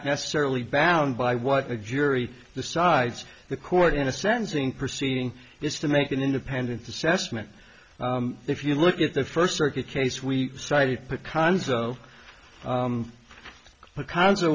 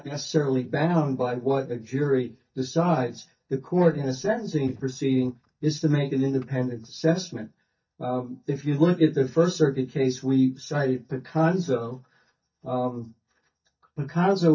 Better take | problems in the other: first | noise reduction (neural mask model DeepFilterNet 3)

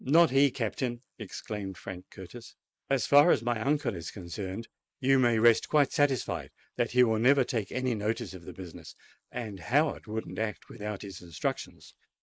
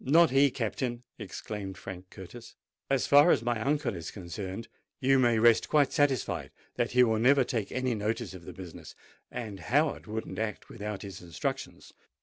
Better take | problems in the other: second | noise reduction (neural mask model Resemble Enhance denoiser)

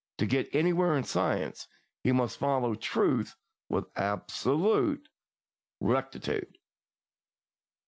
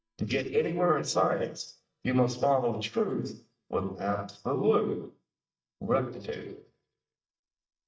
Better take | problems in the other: first | noise reduction (neural mask model DeepFilterNet 3)

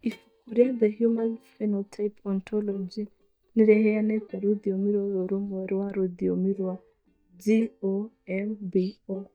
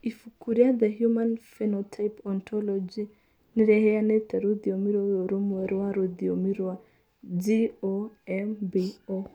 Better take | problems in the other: second | noise reduction (neural mask model DeepFilterNet 3)

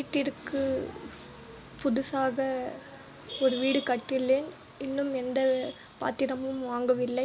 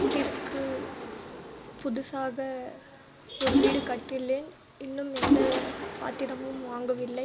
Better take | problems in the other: first | background sound (Mechanisms); 2 dB above the speech

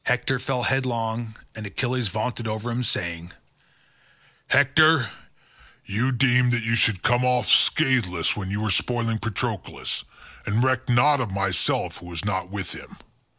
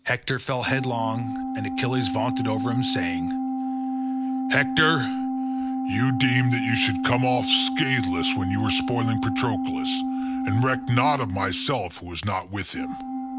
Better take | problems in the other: first | background sound (Organ); 1 dB below the speech

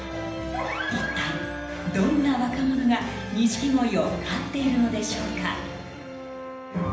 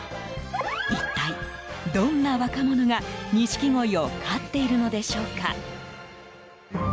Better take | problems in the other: second | background sound (Brass instrument); 12 dB below the speech // room echo; dies away in 0.9 s

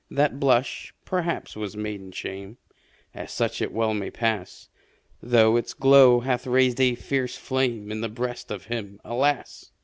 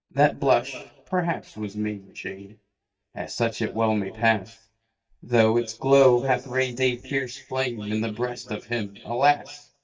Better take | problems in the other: first | noise reduction (neural mask model DeepFilterNet 3)

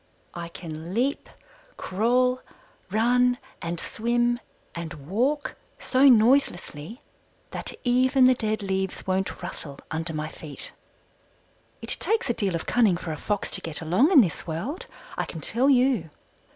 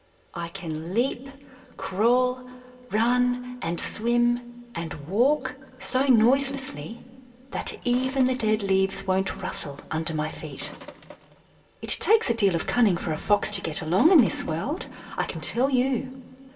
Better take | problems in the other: first | background sound (Sink (filling or washing)); 20 dB below the speech // room echo; dies away in 2.9 s

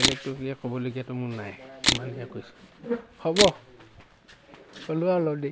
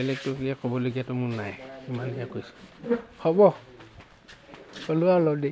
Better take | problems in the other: second | background sound (Camera); 2 dB above the speech

